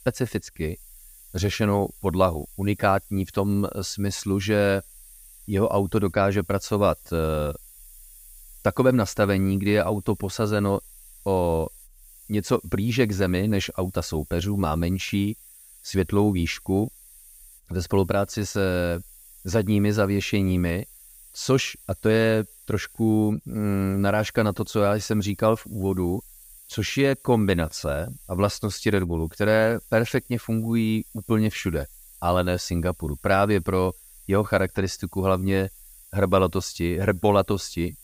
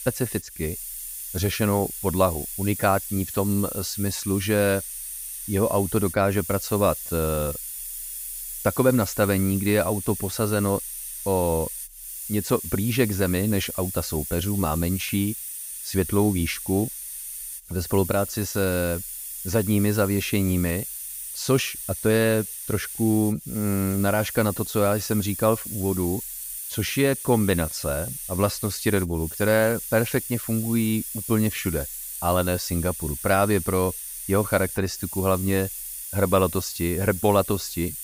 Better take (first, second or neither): first